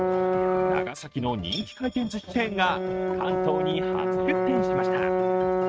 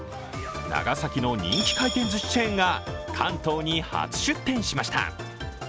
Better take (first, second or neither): second